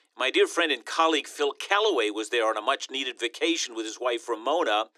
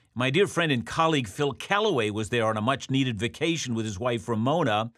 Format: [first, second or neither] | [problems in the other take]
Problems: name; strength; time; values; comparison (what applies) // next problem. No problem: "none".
second | thin; very; fading below 300 Hz